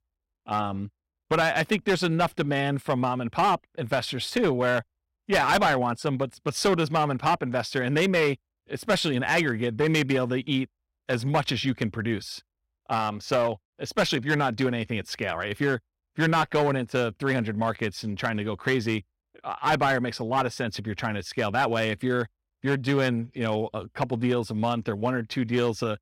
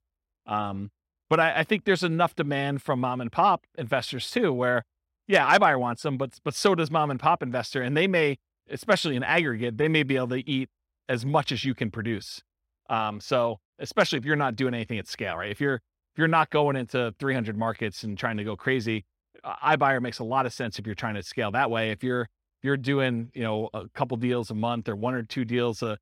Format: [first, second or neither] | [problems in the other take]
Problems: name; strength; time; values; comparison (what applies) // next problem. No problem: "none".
second | distortion; slight; 5% of the sound clipped